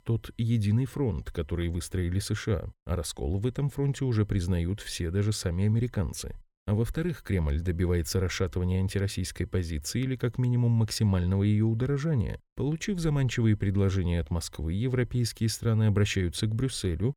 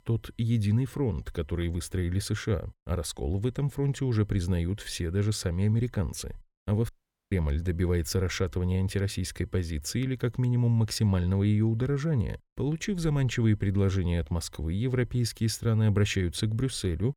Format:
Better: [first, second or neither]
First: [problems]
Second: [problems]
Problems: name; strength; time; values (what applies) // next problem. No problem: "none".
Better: first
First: none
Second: audio cutting out; at 7 s